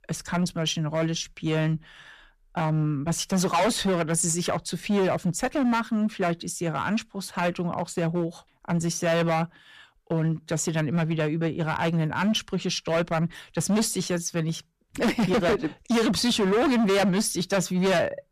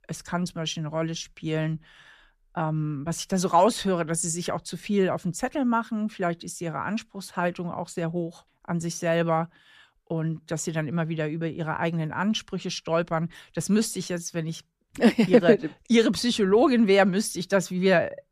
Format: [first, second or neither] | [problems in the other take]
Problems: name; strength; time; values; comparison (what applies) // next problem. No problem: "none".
second | distortion; heavy; 13% of the sound clipped